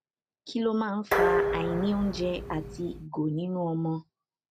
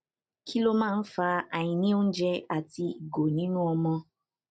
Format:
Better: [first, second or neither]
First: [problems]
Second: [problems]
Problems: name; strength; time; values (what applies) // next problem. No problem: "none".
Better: second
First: background sound (Dishes, pots, and pans); as loud as the speech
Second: none